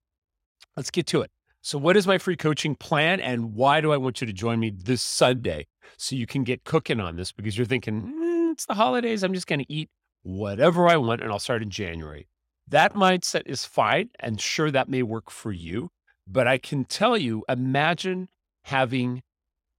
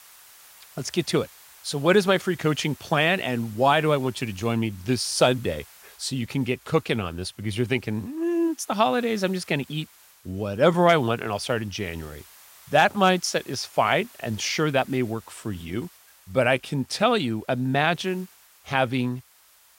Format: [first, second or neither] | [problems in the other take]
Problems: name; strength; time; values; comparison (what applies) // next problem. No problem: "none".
first | hiss; faint; throughout; 25 dB below the speech